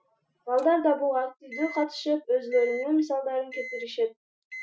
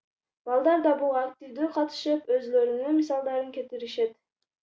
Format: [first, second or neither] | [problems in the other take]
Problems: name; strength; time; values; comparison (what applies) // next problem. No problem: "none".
second | noise reduction (classical method Wiener filter)